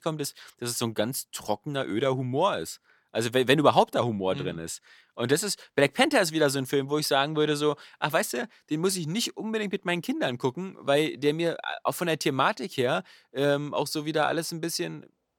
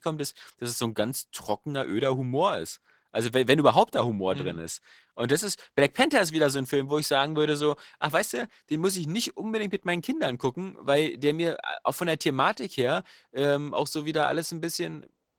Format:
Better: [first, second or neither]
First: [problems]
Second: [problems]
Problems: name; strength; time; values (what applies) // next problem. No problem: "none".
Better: first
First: none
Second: garbled, watery; slightly; nothing above 18.5 kHz